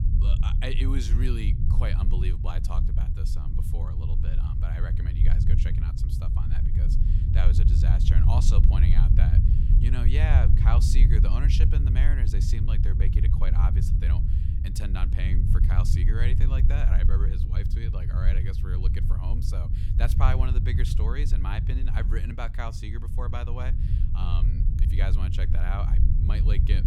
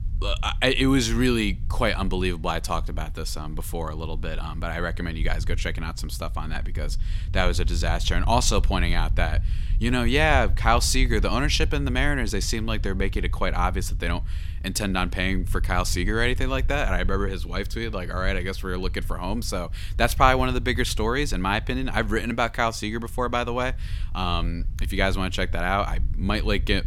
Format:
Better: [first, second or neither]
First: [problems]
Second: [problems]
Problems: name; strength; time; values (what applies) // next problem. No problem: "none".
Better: second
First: low rumble; loud; throughout; 3 dB below the speech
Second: low rumble; faint; throughout; 25 dB below the speech